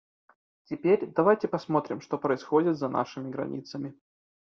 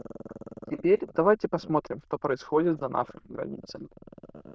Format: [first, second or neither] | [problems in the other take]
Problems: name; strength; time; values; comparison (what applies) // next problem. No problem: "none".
first | noise reduction (neural diffusion model UNIVERSE++)